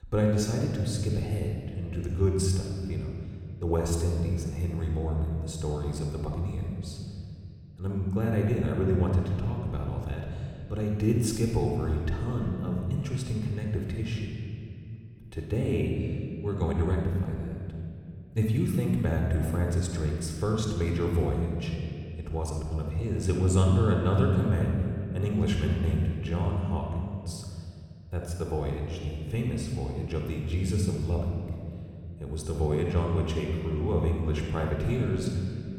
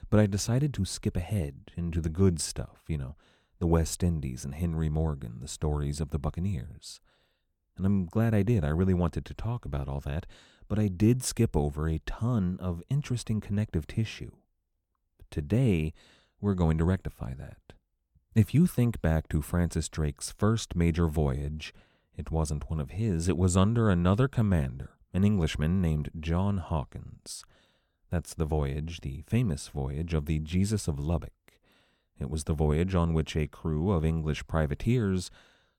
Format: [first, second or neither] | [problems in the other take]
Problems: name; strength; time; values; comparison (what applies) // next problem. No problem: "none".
second | room echo; noticeable; dies away in 2.2 s